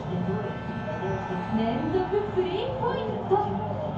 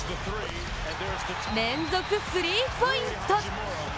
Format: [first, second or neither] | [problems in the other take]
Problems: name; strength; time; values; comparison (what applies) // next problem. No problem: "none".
second | background sound (Bowed string instrument); 16 dB below the speech // room echo; dies away in 0.9 s